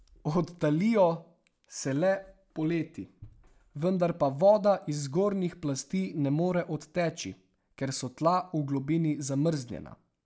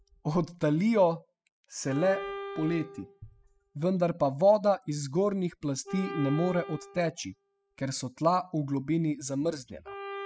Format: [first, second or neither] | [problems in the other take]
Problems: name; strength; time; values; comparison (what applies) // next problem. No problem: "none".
first | noise reduction (classical method spectral subtraction)